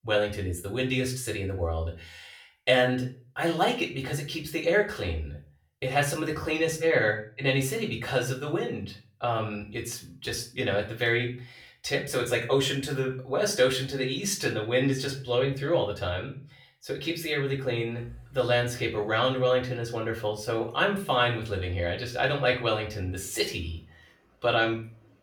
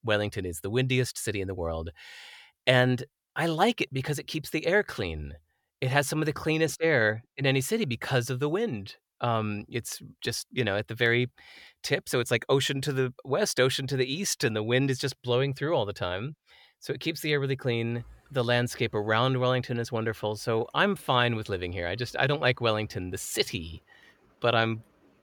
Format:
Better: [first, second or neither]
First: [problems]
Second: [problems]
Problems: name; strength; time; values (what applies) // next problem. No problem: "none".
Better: second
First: room echo; very slight; dies away in 0.3 s // off-mic speech; far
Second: none